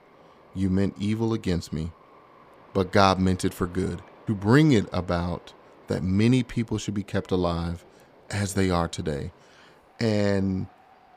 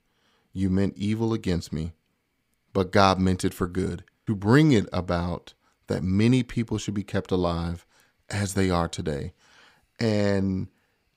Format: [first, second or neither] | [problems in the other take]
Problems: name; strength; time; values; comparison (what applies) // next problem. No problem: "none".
second | train or aircraft noise; faint; throughout; 25 dB below the speech